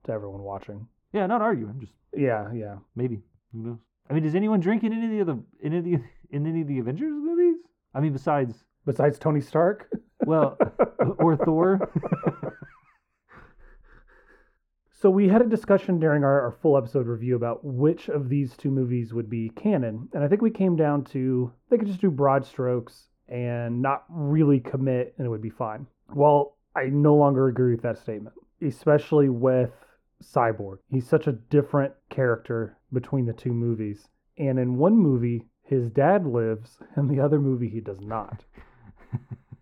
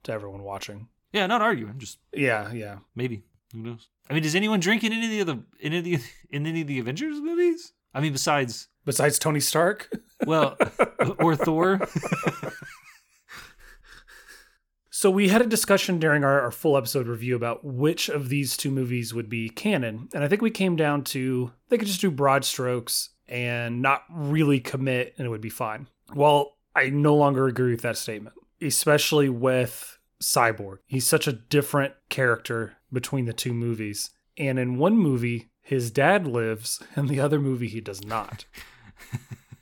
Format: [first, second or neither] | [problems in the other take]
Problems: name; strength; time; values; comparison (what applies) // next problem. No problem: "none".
second | muffled; very; fading above 2.5 kHz